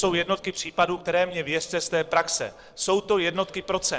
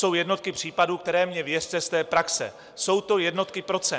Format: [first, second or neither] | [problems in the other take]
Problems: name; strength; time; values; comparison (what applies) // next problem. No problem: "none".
second | noise reduction (neural separator model SepFormer DNS4)